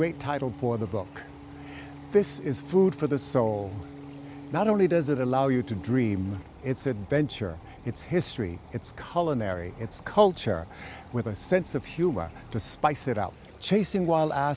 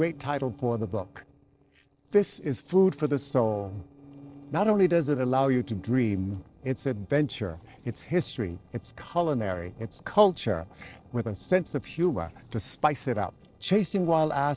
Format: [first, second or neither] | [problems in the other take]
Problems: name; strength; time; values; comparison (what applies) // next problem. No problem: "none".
first | noise reduction (neural separator model SepFormer DNS4)